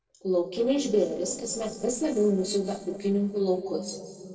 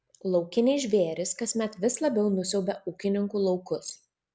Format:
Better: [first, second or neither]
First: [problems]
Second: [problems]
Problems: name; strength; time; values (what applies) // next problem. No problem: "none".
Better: second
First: noise reduction (neural separator model SepFormer DNS4)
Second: none